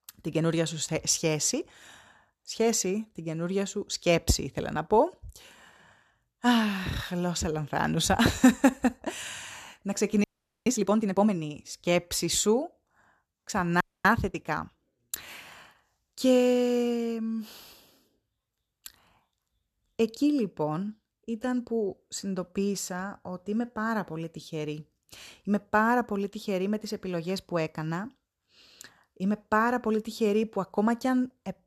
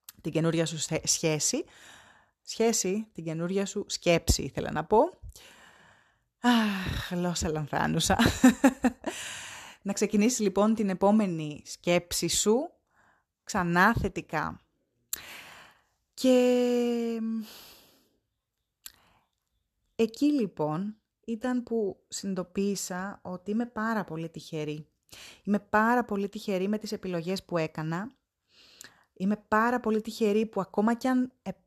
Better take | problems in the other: second | audio freezing; at 10 s and at 14 s

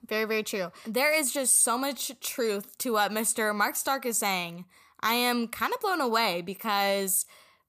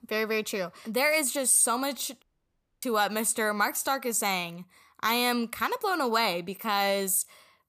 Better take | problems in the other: first | audio cutting out; at 2 s for 0.5 s

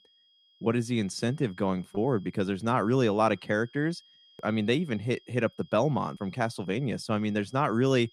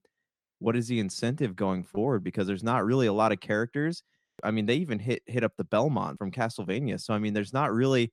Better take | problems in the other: second | high-pitched whine; faint; throughout; 3.5 kHz, 30 dB below the speech

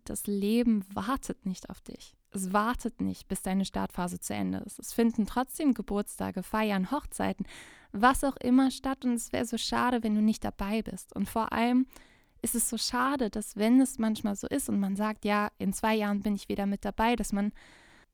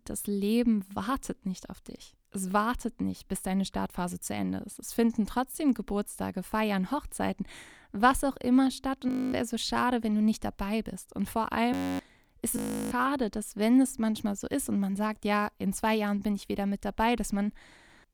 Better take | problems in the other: first | audio freezing; at 9 s, at 12 s and at 13 s

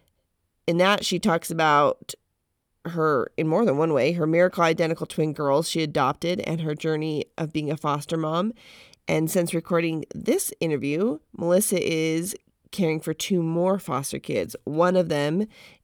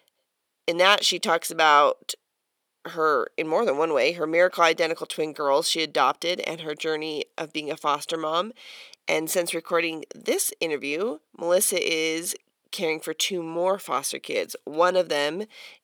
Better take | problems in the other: first | thin; somewhat; fading below 450 Hz

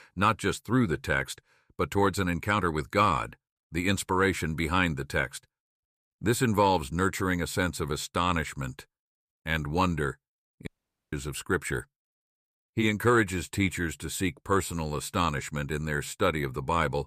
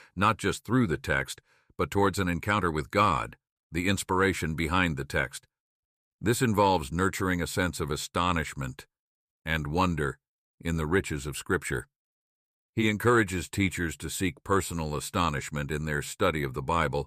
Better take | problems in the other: second | audio cutting out; at 11 s

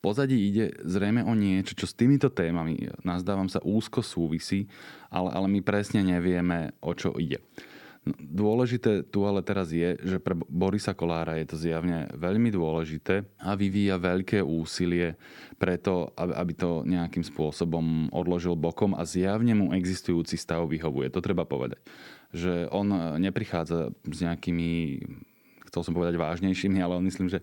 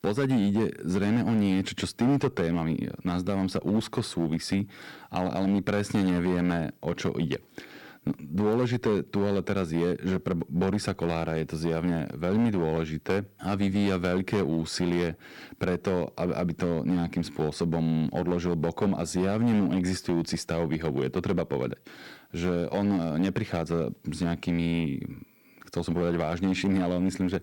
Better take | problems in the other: first | distortion; slight; 7% of the sound clipped

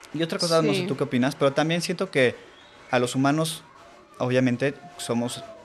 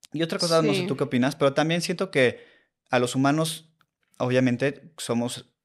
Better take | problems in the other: second | crowd noise; faint; throughout; 25 dB below the speech

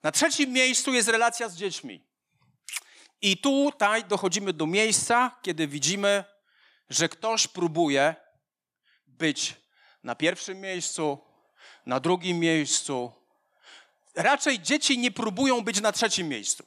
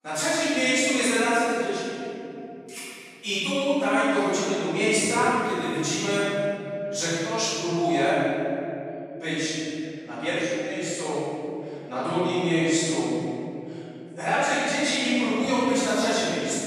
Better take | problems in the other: first | off-mic speech; far // room echo; strong; dies away in 3 s

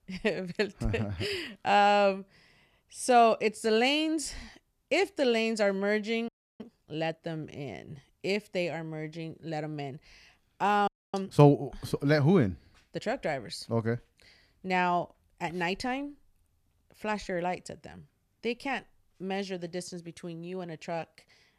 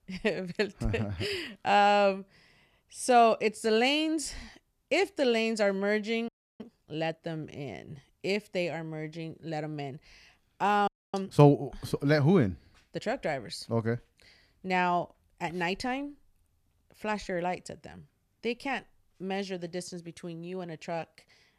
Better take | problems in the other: neither | audio freezing; at 6.5 s and at 11 s; the same in both

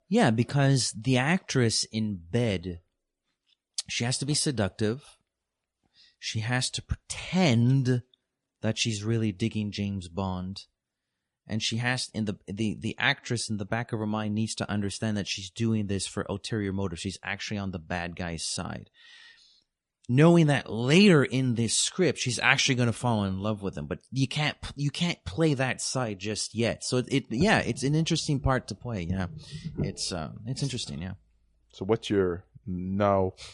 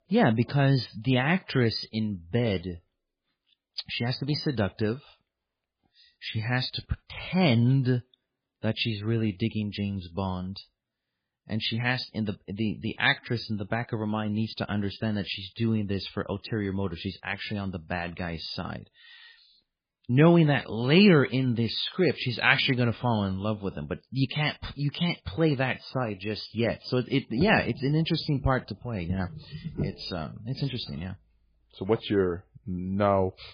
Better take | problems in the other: first | garbled, watery; badly; nothing above 5 kHz; slightly in the first

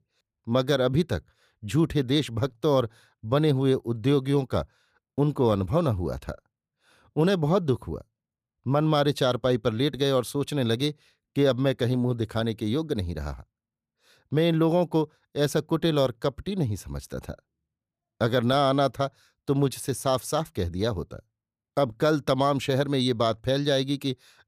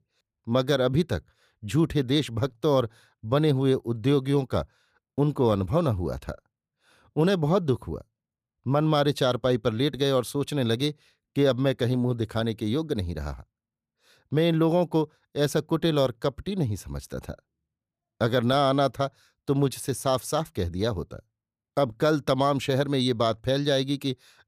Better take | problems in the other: neither | none

